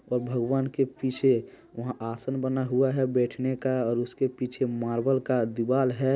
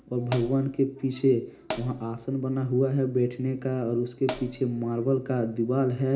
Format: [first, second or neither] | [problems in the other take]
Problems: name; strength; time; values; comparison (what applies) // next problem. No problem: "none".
first | background sound (Hi-hat); 10 dB below the speech // room echo; dies away in 0.4 s